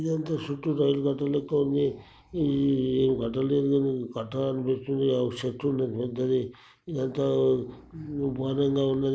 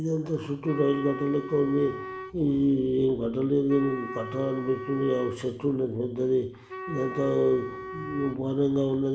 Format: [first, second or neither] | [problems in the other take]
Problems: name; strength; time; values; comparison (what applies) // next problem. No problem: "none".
first | background sound (Wind instrument, woodwind instrument); 13 dB below the speech // room echo; dies away in 0.8 s